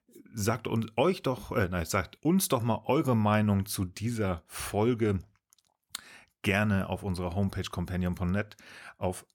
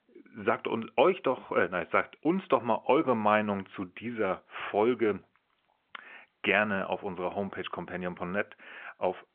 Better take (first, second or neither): first